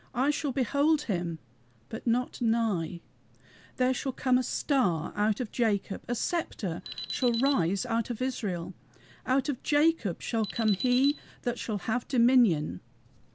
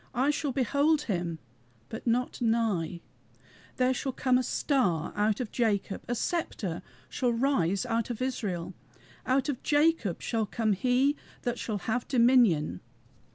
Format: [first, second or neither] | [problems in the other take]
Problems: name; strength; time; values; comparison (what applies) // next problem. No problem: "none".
second | background sound (Alarm); 12 dB below the speech